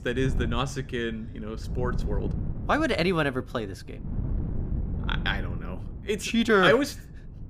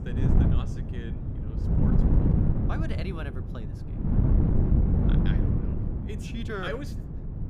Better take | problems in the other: first | wind noise on the microphone; heavy; 2 dB above the speech; occasional gusts in the first

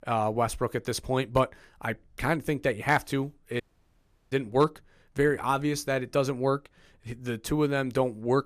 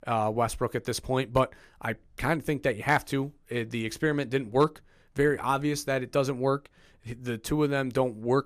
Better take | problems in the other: second | audio cutting out; at 3.5 s for 0.5 s

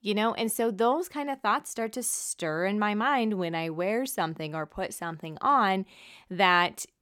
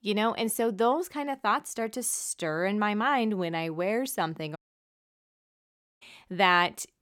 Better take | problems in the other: first | audio cutting out; at 4.5 s for 1.5 s

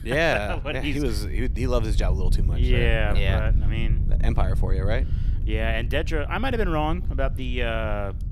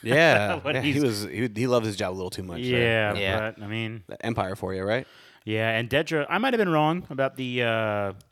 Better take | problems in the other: second | wind noise on the microphone; occasional gusts; 15 dB below the speech

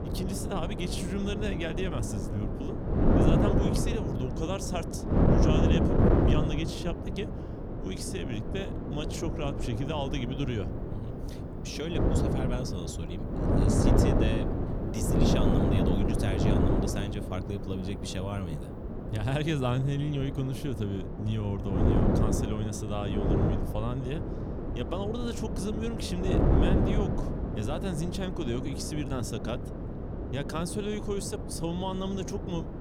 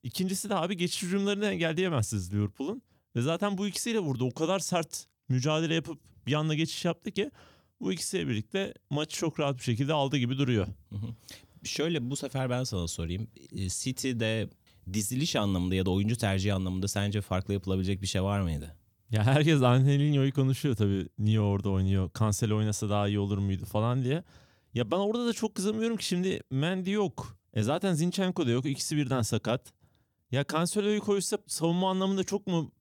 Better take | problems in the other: second | wind noise on the microphone; heavy; 2 dB above the speech

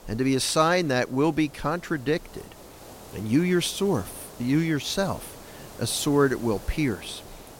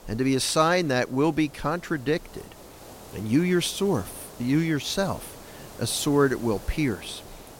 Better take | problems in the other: neither | hiss; noticeable; throughout; 20 dB below the speech; the same in both

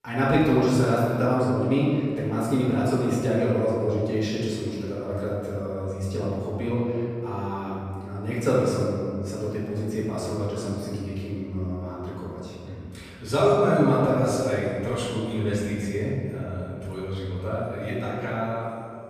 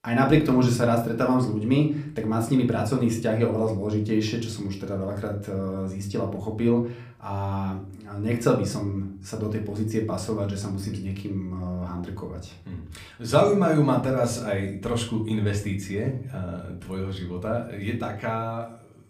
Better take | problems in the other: second | room echo; strong; dies away in 2 s; slight in the second // off-mic speech; far; somewhat distant in the second

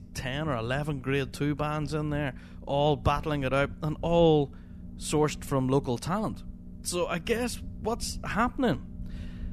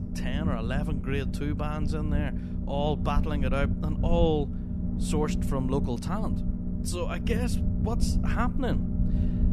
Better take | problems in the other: first | low rumble; loud; throughout; 6 dB below the speech; faint in the first

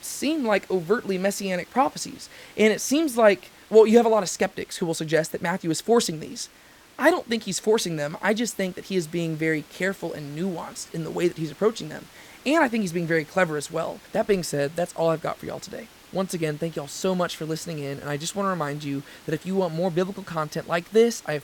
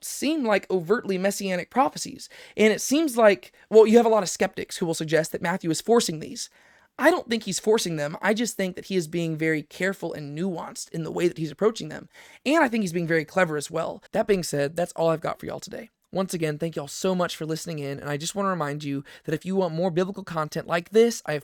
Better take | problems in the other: second | hiss; faint; throughout; 25 dB below the speech

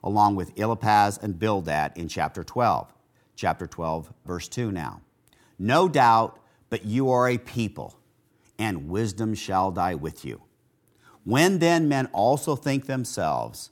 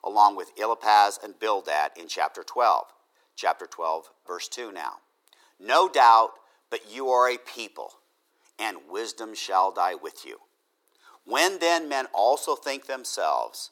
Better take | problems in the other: first | thin; very; fading below 400 Hz

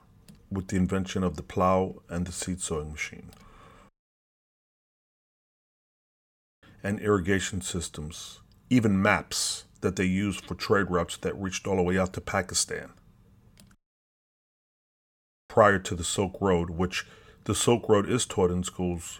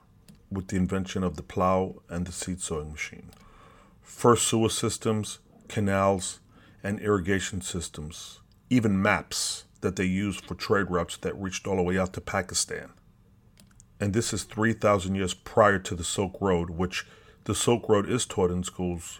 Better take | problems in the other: second | audio cutting out; at 4 s for 2.5 s and at 14 s for 2 s

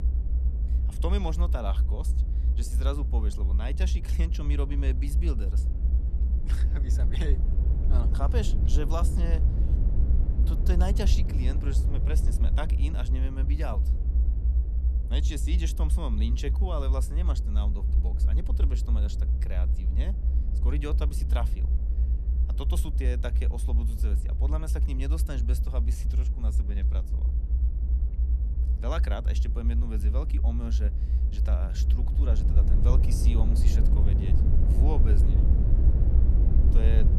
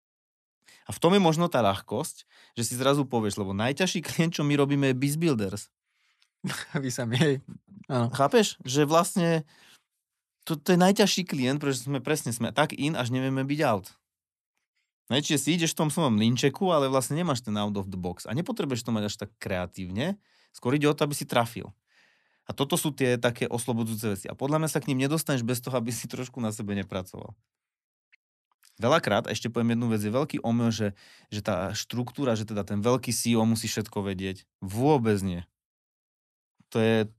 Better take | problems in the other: second | low rumble; loud; throughout; 4 dB below the speech

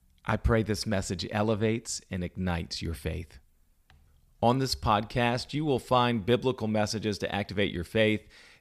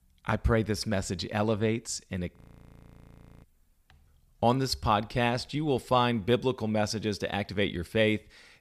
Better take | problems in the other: first | audio freezing; at 2.5 s for 1 s

